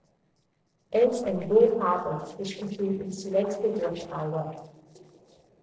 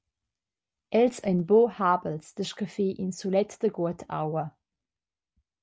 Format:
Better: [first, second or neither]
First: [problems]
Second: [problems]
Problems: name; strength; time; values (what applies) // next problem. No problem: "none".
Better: second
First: noise reduction (neural separator model SepFormer DNS4)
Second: none